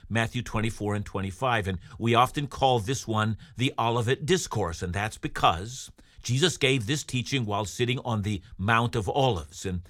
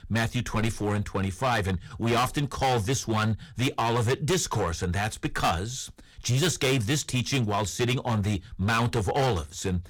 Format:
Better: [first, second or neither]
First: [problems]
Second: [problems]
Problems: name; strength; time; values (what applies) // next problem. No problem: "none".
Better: first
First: none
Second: distortion; heavy; 13% of the sound clipped